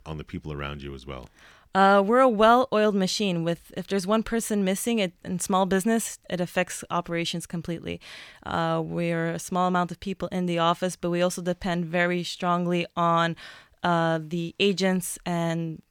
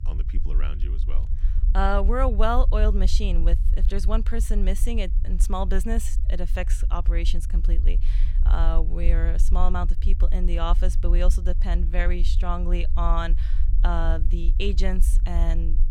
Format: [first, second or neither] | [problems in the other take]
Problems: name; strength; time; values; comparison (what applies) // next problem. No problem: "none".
first | low rumble; noticeable; throughout; 15 dB below the speech